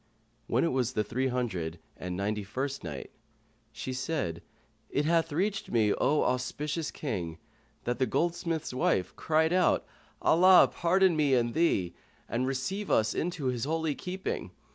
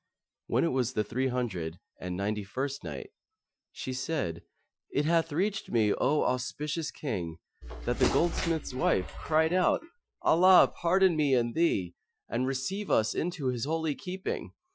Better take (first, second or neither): first